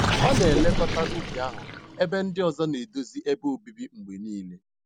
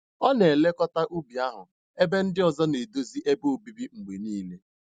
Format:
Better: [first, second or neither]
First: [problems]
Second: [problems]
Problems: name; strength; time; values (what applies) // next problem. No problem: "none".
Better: second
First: background sound (Gurgling); as loud as the speech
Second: none